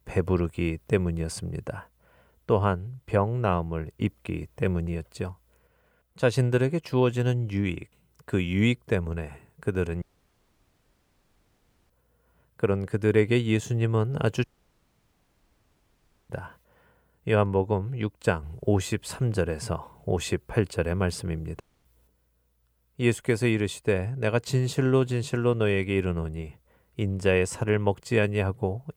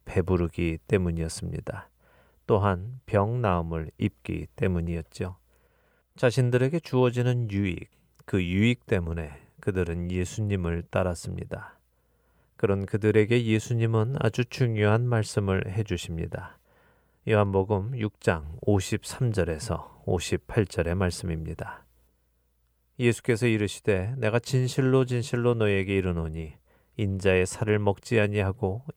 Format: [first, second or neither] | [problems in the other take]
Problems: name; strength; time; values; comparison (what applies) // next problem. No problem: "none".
second | audio cutting out; at 10 s for 2 s, at 14 s for 2 s and at 22 s